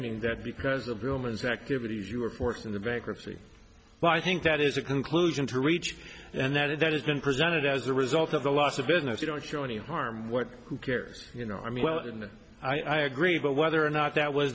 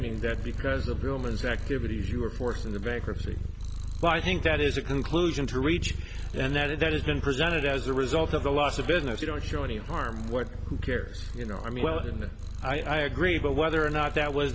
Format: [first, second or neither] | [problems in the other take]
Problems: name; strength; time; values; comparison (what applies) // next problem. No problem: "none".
first | background sound (Purr); 4 dB below the speech